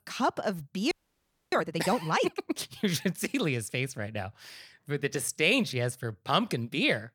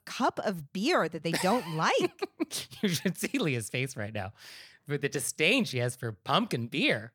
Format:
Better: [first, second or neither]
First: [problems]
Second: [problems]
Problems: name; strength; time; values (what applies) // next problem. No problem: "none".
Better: second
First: audio freezing; at 1 s for 0.5 s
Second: none